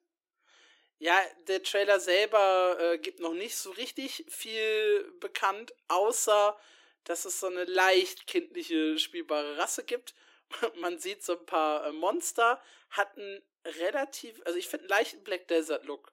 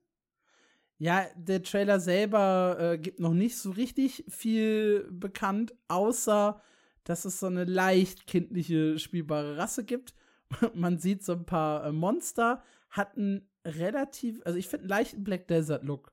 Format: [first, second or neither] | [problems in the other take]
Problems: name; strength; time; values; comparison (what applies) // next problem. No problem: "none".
second | thin; very; fading below 300 Hz